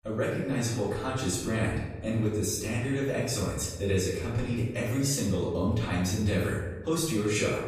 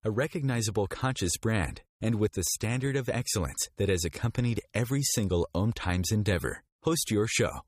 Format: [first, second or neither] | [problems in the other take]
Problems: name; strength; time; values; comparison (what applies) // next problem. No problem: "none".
second | off-mic speech; far // room echo; noticeable; dies away in 1 s